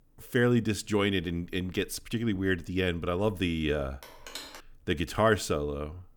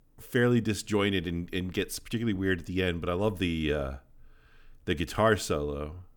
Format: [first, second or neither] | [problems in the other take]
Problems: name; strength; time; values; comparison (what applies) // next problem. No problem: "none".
second | phone ringing; faint; at 4 s; peak 10 dB below the speech